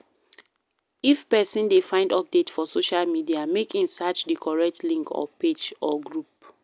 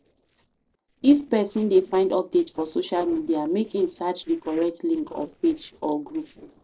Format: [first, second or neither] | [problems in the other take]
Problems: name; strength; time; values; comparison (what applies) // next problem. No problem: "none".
first | noise reduction (neural separator model SepFormer DNS4)